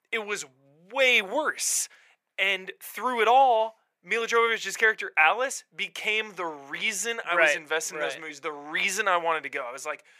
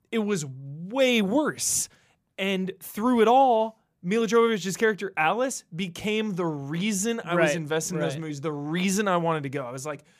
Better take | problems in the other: second | thin; very; fading below 600 Hz

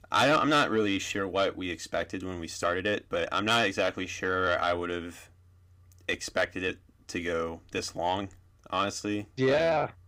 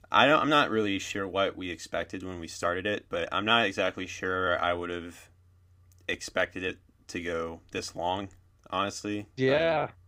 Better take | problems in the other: second | distortion; slight; 10 dB below the speech

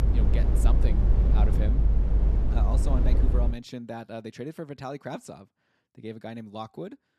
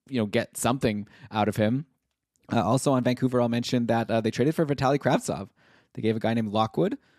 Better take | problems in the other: second | low rumble; loud; until 3.5 s; 1 dB below the speech

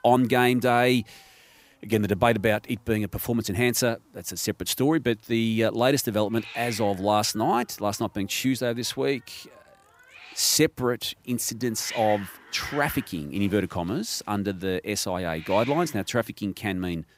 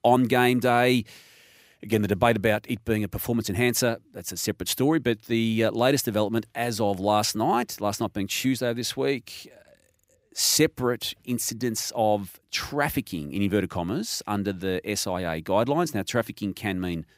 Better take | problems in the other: second | hiss; noticeable; throughout; 15 dB below the speech

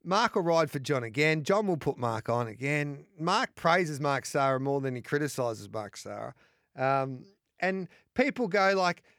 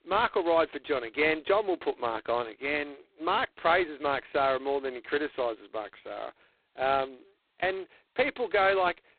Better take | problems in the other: first | phone-call audio; poor line; nothing above 4 kHz

